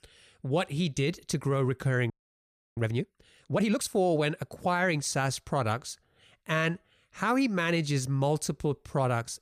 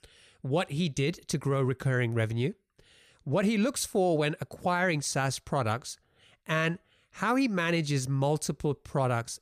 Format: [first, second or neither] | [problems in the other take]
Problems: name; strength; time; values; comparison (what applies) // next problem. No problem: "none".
second | audio freezing; at 2 s for 0.5 s